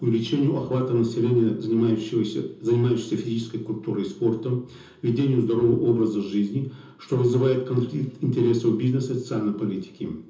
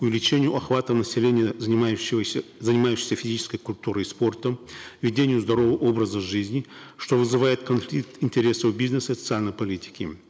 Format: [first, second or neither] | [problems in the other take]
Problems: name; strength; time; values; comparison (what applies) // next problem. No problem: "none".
second | room echo; dies away in 0.6 s